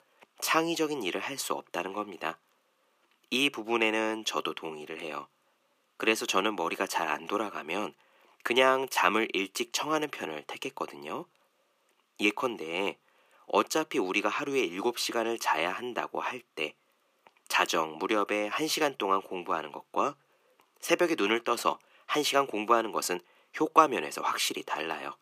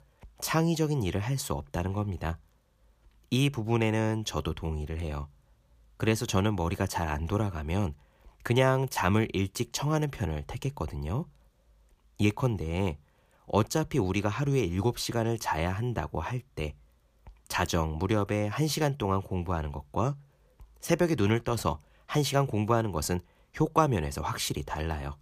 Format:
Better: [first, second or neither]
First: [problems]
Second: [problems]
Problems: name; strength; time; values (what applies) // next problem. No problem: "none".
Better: second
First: thin; very; fading below 300 Hz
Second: none